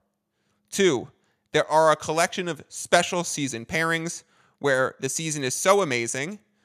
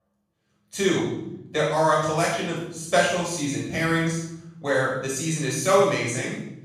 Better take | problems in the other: first | off-mic speech; far // room echo; strong; dies away in 0.9 s

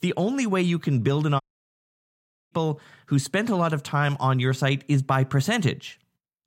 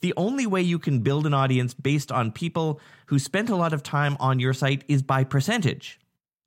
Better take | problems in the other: second | audio cutting out; at 1.5 s for 1 s

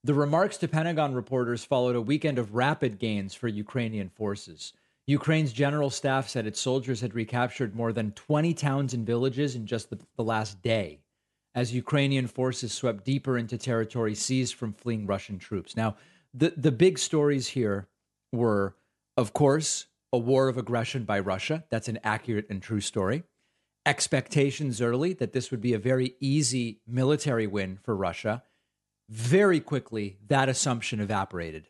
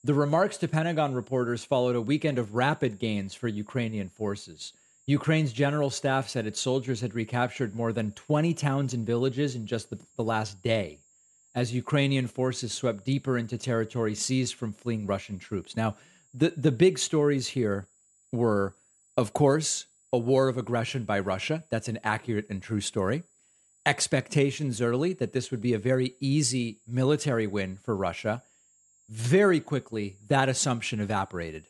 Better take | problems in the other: first | high-pitched whine; faint; throughout; 7.5 kHz, 35 dB below the speech

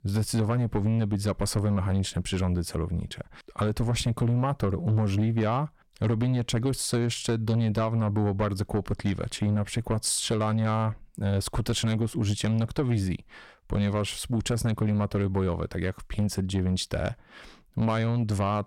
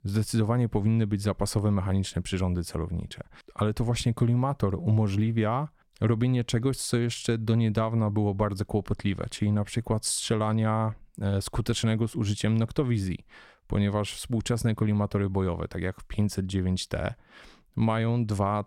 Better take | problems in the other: second | distortion; slight; 10 dB below the speech

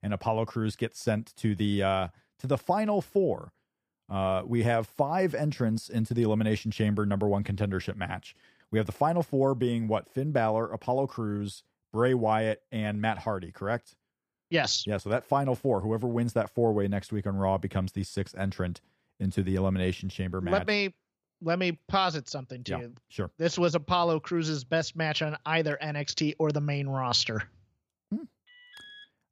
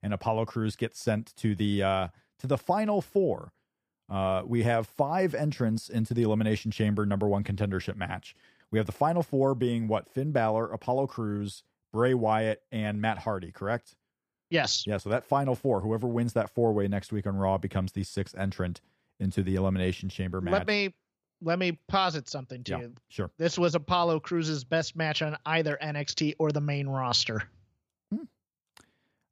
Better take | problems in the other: second | alarm; faint; at 28 s; peak 20 dB below the speech

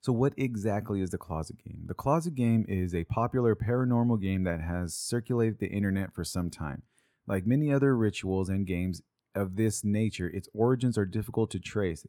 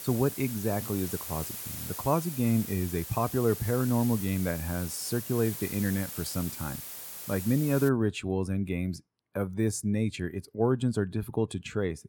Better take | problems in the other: first | hiss; loud; until 8 s; 8 dB below the speech

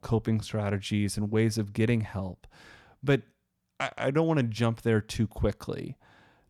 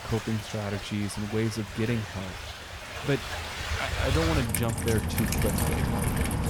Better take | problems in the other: first | rain or running water; loud; throughout; as loud as the speech

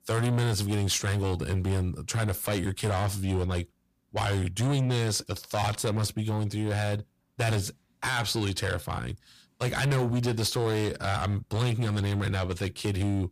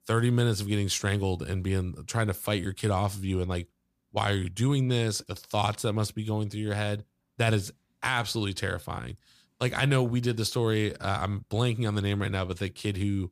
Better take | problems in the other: second | distortion; heavy; 7 dB below the speech

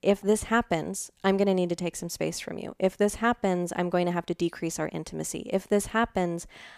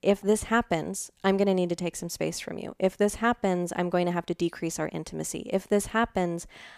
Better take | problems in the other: neither | none

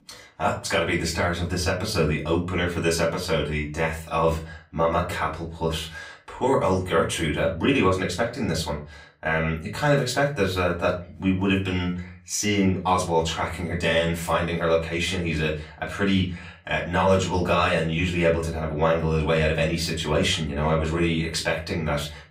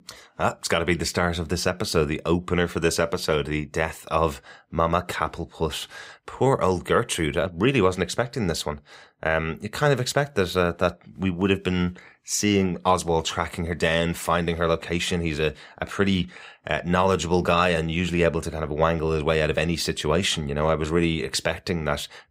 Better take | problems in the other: second | off-mic speech; far // room echo; very slight; dies away in 0.3 s

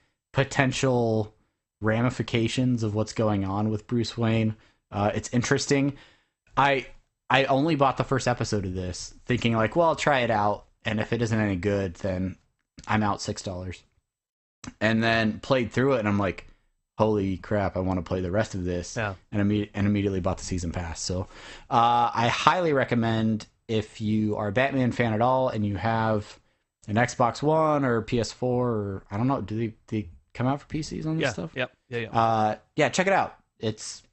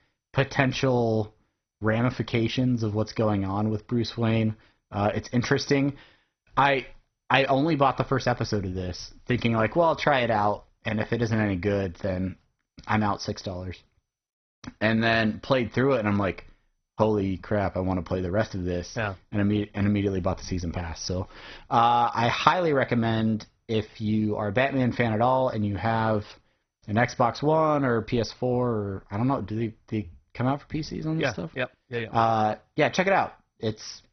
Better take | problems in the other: first | garbled, watery; badly; nothing above 6 kHz; slightly in the first

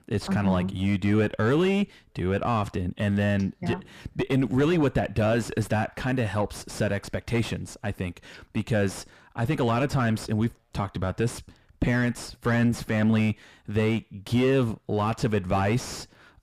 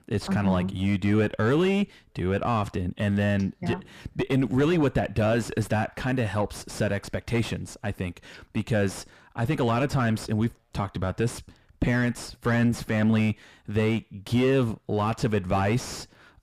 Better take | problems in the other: neither | distortion; heavy; 6 dB below the speech; the same in both

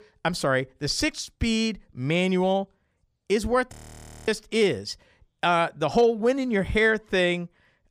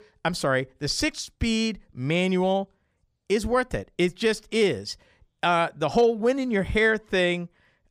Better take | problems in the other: second | audio freezing; at 3.5 s for 0.5 s

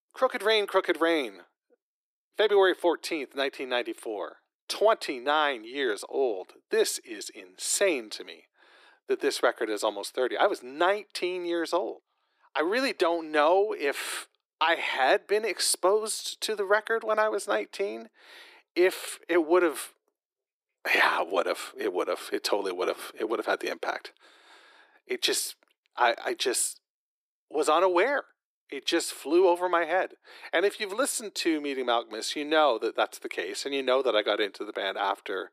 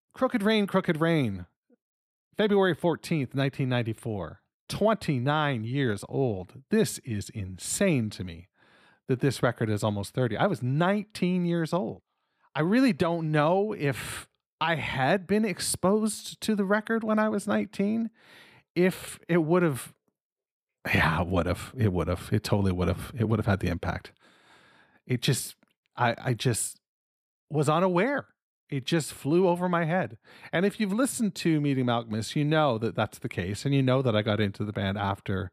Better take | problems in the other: second | thin; very; fading below 350 Hz

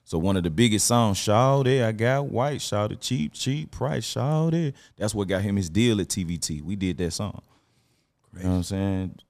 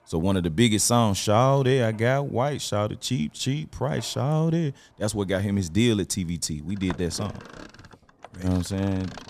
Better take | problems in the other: first | machinery noise; faint; throughout; 20 dB below the speech

